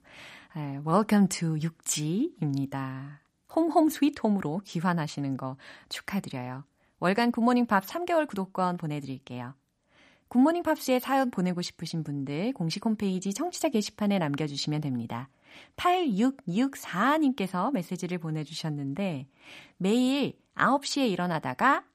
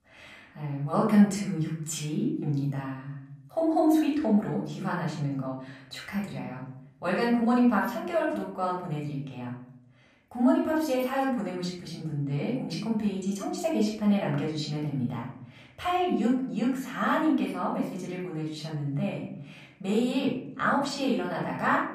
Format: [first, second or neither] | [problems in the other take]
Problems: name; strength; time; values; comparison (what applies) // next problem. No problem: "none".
first | off-mic speech; far // room echo; noticeable; dies away in 0.7 s